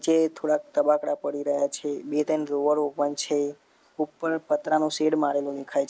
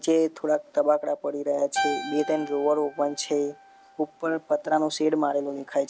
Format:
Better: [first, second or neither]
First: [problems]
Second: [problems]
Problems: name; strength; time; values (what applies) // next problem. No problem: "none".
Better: first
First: none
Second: background sound (Keyboard (musical)); 12 dB below the speech